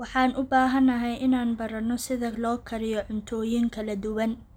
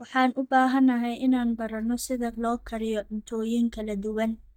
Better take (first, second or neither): first